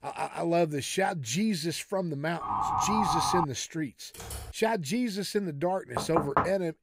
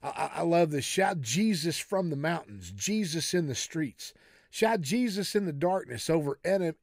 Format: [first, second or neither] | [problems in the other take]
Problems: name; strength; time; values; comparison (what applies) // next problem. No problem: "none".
second | siren; loud; from 2.5 to 3.5 s; peak 3 dB above the speech // keyboard typing; noticeable; at 4 s; peak 10 dB below the speech // door banging; loud; at 6 s; peak 2 dB above the speech